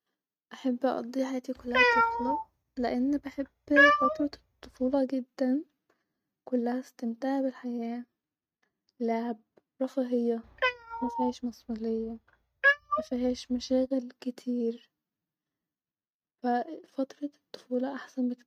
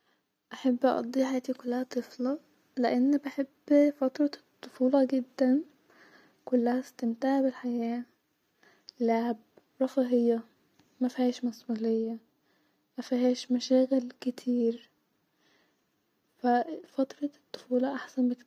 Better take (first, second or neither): second